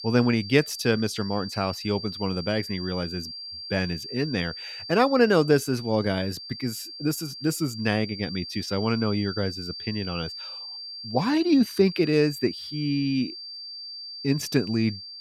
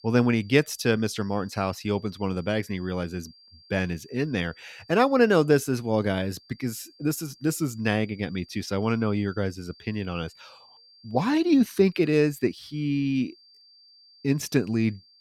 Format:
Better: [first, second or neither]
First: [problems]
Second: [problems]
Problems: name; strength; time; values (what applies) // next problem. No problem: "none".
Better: second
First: high-pitched whine; loud; throughout; 4.5 kHz, 10 dB below the speech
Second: high-pitched whine; faint; throughout; 4.5 kHz, 25 dB below the speech